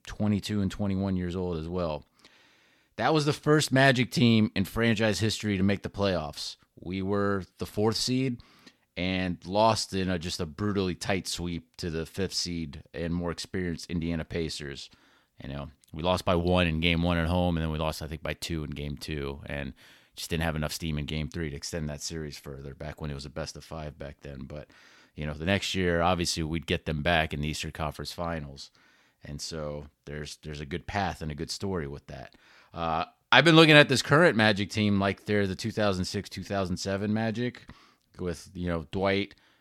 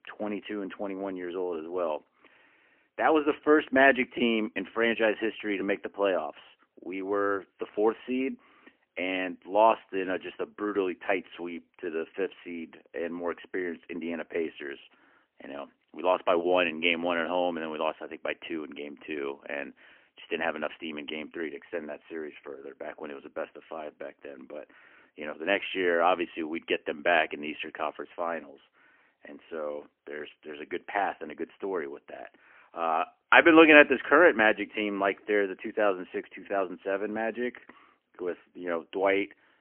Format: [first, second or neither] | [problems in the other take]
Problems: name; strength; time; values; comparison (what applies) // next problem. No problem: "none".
first | phone-call audio; poor line; nothing above 3 kHz